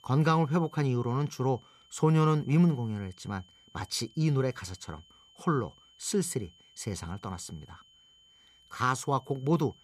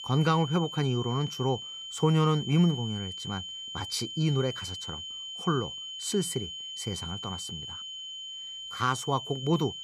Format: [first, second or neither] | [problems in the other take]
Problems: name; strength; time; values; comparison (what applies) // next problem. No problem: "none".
first | high-pitched whine; loud; throughout; 3 kHz, 8 dB below the speech; faint in the first